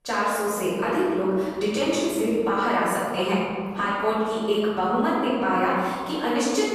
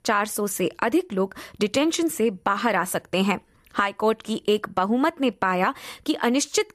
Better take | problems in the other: second | room echo; strong; dies away in 2 s // off-mic speech; far

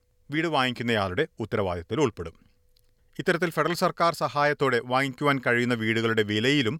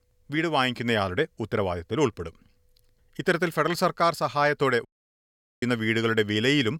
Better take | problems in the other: first | audio cutting out; at 5 s for 1 s

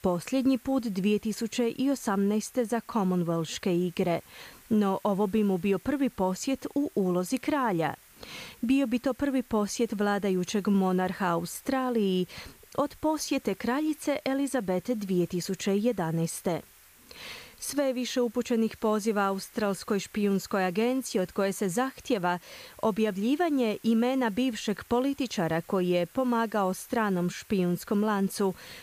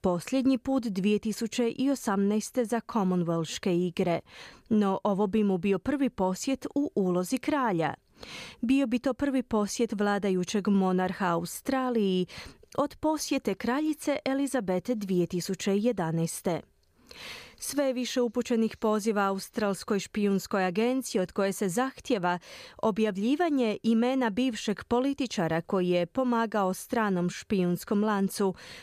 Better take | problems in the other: second | hiss; faint; throughout; 25 dB below the speech

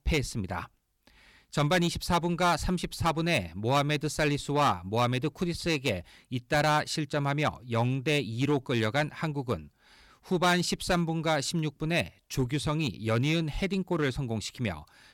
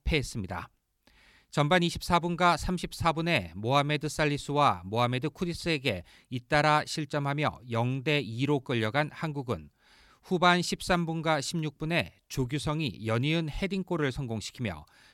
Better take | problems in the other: second | distortion; slight; 4% of the sound clipped

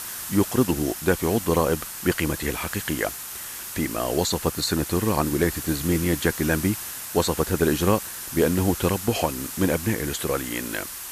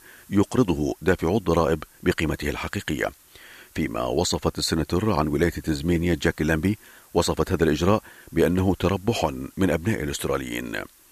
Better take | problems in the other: second | hiss; loud; throughout; 7 dB below the speech; faint in the second

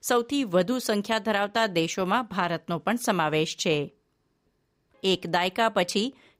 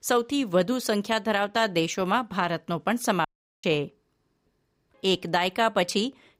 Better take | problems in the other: first | audio cutting out; at 3.5 s

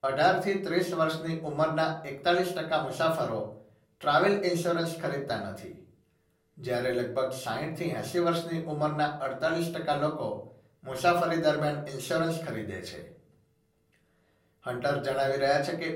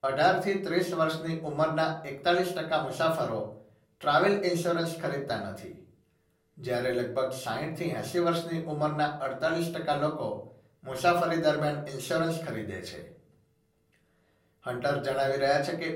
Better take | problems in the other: neither | room echo; slight; dies away in 0.4 s; the same in both // off-mic speech; somewhat distant; the same in both

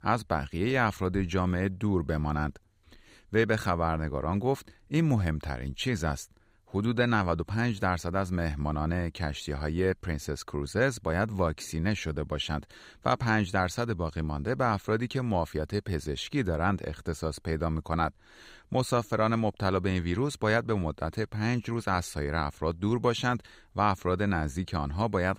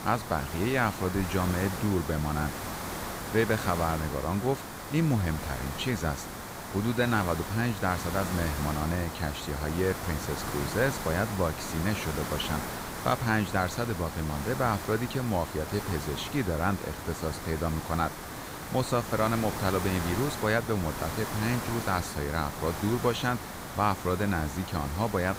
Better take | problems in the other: first | hiss; loud; throughout; 6 dB below the speech

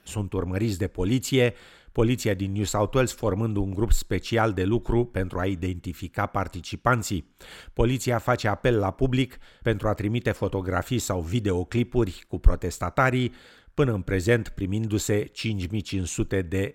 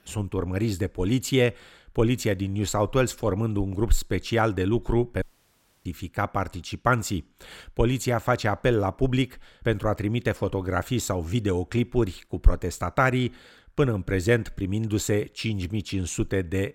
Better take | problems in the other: first | audio cutting out; at 5 s for 0.5 s

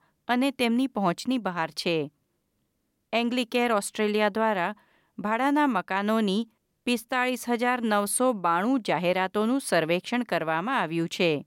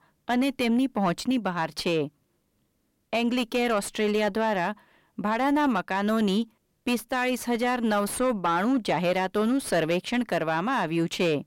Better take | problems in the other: first | distortion; slight; 10 dB below the speech

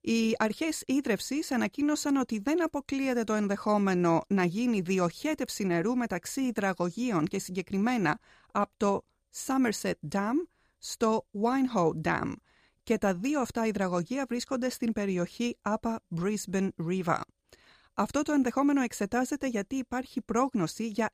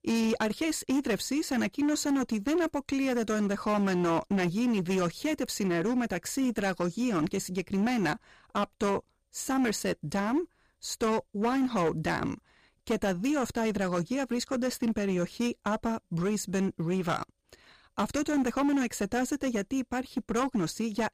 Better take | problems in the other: first | distortion; slight; 11% of the sound clipped

